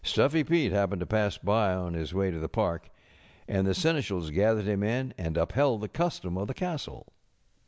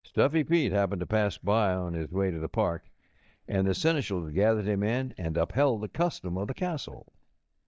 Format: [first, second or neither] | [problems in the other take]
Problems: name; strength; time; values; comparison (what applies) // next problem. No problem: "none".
first | noise reduction (neural mask model DeepFilterNet 3)